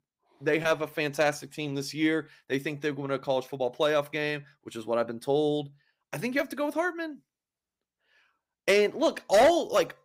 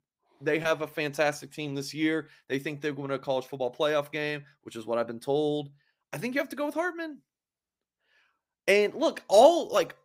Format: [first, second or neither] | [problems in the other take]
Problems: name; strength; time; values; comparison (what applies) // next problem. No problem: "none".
second | distortion; slight; 1.3% of the sound clipped